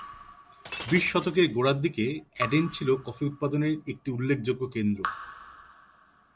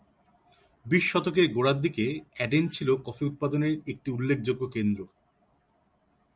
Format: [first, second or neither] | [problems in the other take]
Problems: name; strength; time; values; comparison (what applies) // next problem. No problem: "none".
second | background sound (Raindrop / Drip + Shatter); 13 dB below the speech